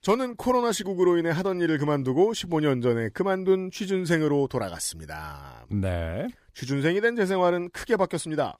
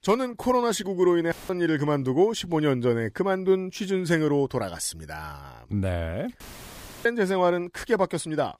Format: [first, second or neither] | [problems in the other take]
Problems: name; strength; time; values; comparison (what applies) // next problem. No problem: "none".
first | audio cutting out; filled with static; at 1.5 s and at 6.5 s for 0.5 s